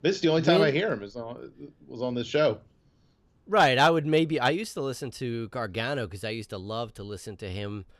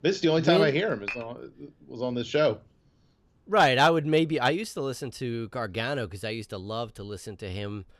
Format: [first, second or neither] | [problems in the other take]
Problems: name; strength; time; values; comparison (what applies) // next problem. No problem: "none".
first | clattering dishes; noticeable; at 1 s; peak 9 dB below the speech